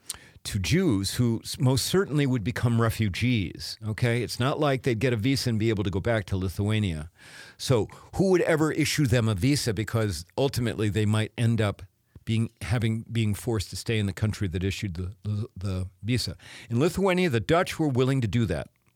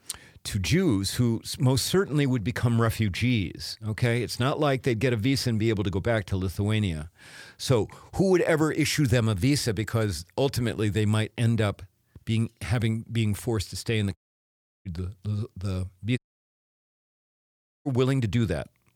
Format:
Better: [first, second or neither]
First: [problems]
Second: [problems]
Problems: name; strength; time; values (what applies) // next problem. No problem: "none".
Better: first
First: none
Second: audio cutting out; at 14 s for 0.5 s and at 16 s for 1.5 s